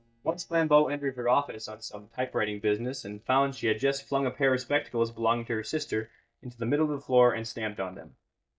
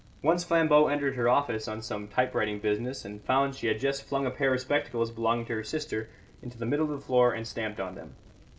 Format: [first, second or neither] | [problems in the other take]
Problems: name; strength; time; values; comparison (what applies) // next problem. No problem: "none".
second | noise reduction (neural mask model DeepFilterNet 3)